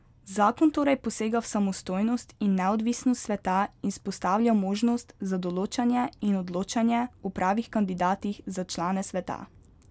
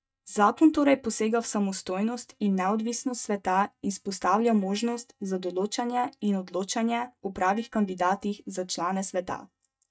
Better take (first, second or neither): first